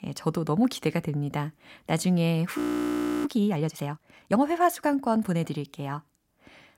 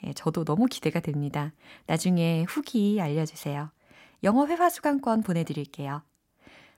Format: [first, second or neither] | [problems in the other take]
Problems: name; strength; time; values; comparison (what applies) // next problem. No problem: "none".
second | audio freezing; at 2.5 s for 0.5 s